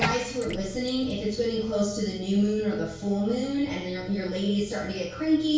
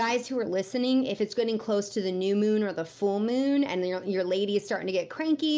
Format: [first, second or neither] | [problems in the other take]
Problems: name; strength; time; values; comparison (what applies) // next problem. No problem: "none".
second | background sound (Bathtub (filling or washing)); 13 dB below the speech // room echo; dies away in 0.6 s